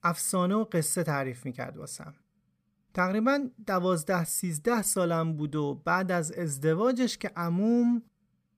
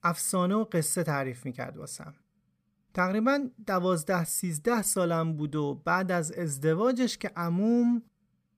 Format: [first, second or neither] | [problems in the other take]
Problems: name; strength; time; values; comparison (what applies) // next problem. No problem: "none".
neither | none